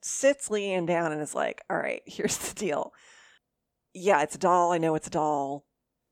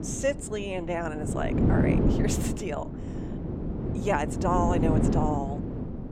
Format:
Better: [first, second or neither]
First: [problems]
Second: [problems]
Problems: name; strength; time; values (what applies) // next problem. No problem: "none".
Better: first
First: none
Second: wind noise on the microphone; heavy; 3 dB below the speech